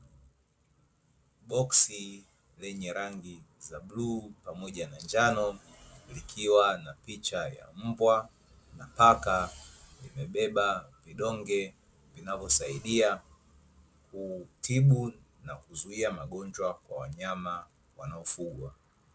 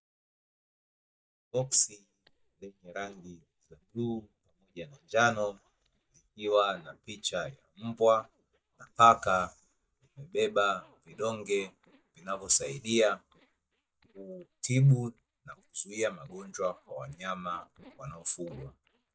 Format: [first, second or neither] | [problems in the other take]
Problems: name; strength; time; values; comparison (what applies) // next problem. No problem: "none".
first | noise reduction (neural mask model DeepFilterNet 3)